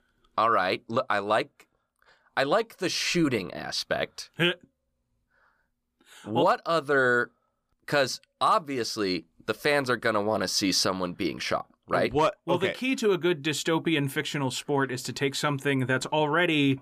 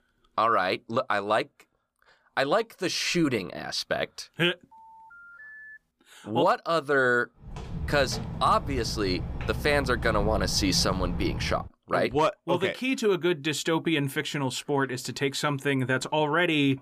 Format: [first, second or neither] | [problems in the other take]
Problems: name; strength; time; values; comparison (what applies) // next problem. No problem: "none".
first | phone ringing; faint; from 4.5 to 6 s; peak 15 dB below the speech // footsteps; noticeable; from 7.5 to 12 s; peak 6 dB below the speech